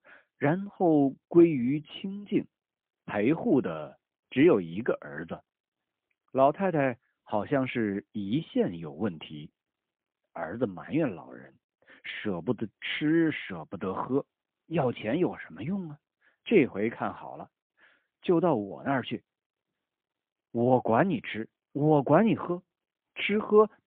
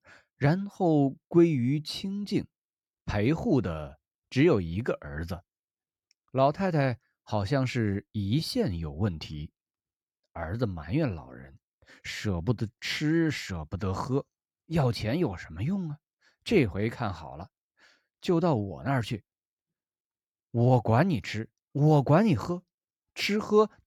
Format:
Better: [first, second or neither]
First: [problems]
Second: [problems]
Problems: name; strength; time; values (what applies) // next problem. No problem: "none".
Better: second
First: phone-call audio; poor line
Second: none